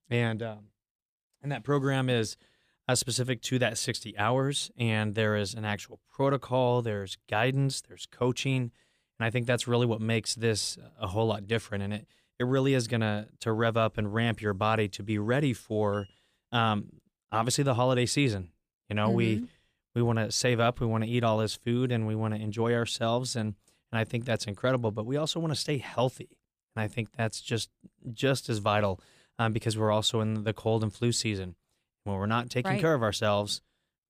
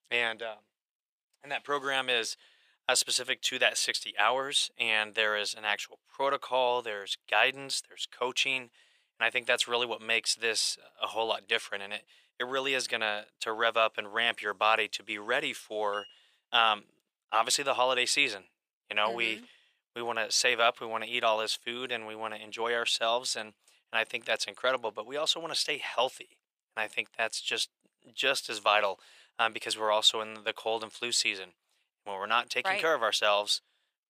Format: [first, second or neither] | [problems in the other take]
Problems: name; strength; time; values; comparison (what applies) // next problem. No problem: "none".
first | thin; very; fading below 700 Hz